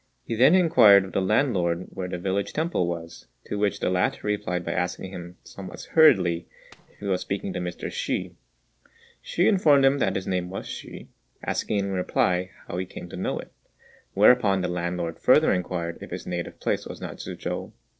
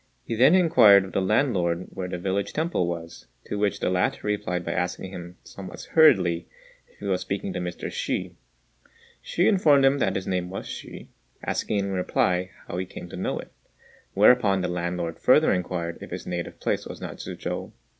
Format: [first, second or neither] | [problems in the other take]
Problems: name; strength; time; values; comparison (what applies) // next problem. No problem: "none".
second | noise reduction (neural separator model SepFormer DNS4)